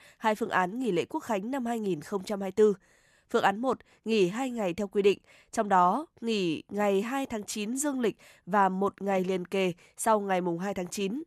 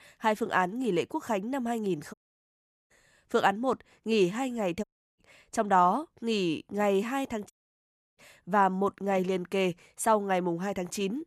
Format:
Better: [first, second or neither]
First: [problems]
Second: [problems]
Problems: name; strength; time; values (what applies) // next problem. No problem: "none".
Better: first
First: none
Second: audio cutting out; at 2 s for 1 s, at 5 s and at 7.5 s for 0.5 s